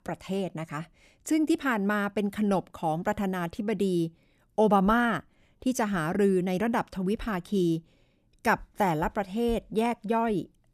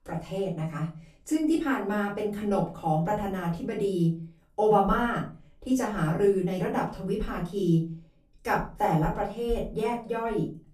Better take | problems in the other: first | off-mic speech; far // room echo; slight; dies away in 0.3 s

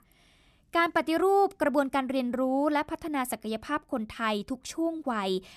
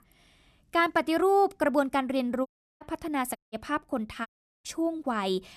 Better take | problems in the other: first | audio cutting out; at 2.5 s, at 3.5 s and at 4.5 s

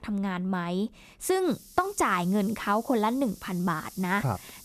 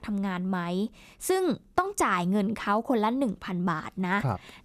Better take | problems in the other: second | hiss; noticeable; from 1.5 s on; 20 dB below the speech

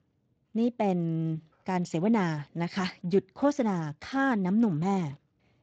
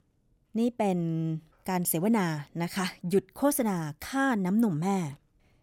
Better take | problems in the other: second | garbled, watery; slightly; nothing above 7.5 kHz

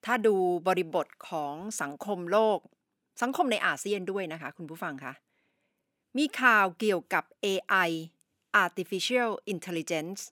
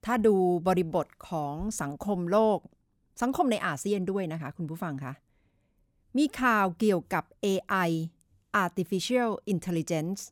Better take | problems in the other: second | thin; very slightly; fading below 300 Hz

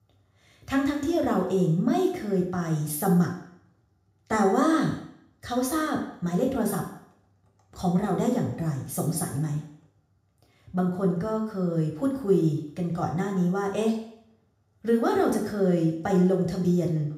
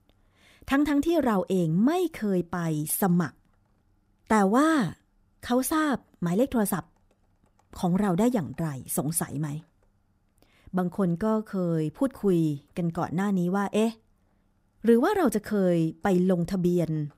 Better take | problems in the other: second | room echo; noticeable; dies away in 0.6 s // off-mic speech; far

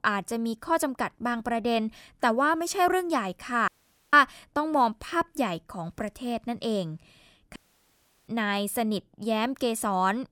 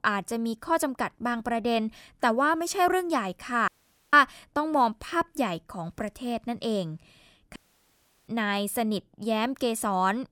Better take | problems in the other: neither | audio cutting out; at 3.5 s and at 7.5 s for 0.5 s; the same in both

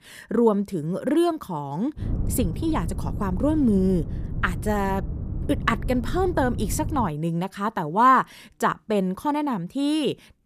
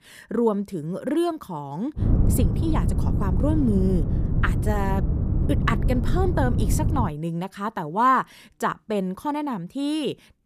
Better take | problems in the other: first | wind noise on the microphone; heavy; from 2 to 7 s; 9 dB below the speech; occasional gusts in the first

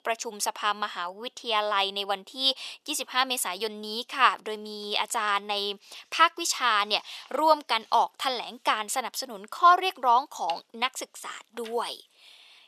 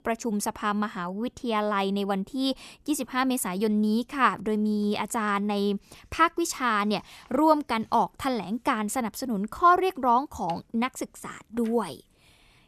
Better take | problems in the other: second | thin; very; fading below 650 Hz

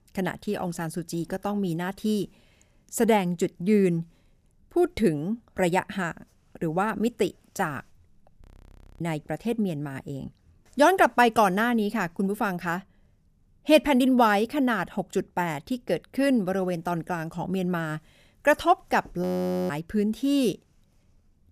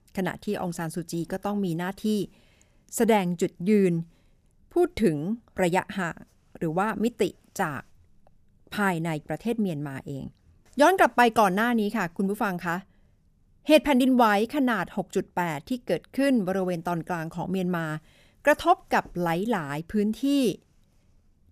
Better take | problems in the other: second | audio freezing; at 8.5 s for 0.5 s and at 19 s

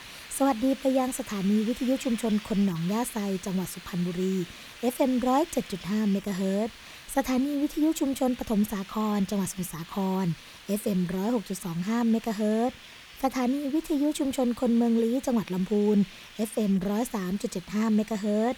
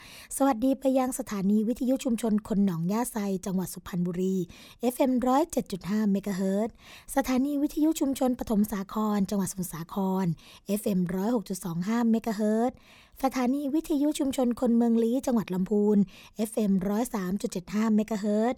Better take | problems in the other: second | hiss; noticeable; throughout; 15 dB below the speech

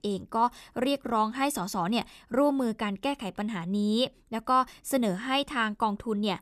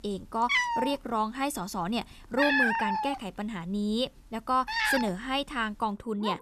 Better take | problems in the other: first | animal sounds; very loud; throughout; 3 dB above the speech

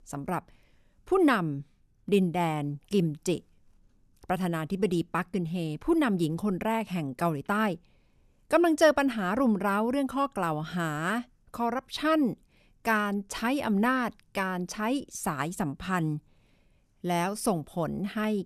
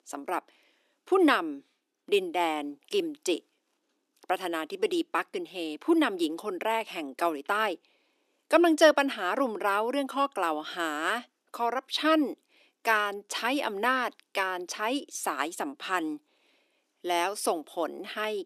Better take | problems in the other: first | thin; somewhat; fading below 300 Hz

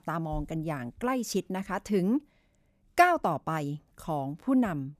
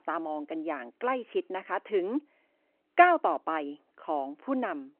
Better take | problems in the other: first | phone-call audio

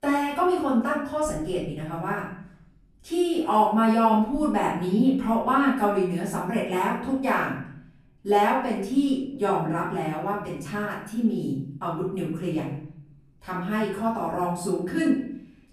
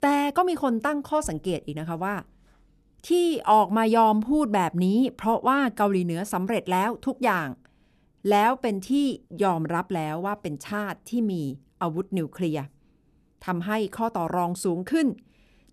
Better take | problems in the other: second | room echo; noticeable; dies away in 0.6 s // off-mic speech; far

